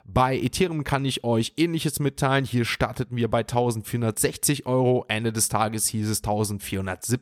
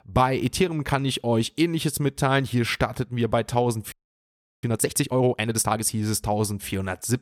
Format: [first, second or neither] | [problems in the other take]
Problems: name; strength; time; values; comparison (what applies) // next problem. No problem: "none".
first | audio freezing; at 4 s for 0.5 s